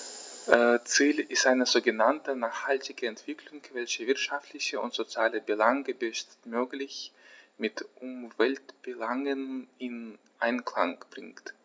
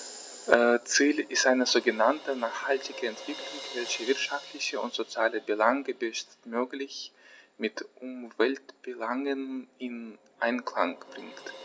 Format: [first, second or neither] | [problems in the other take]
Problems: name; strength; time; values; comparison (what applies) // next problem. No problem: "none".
first | background sound (Crash cymbal); 18 dB below the speech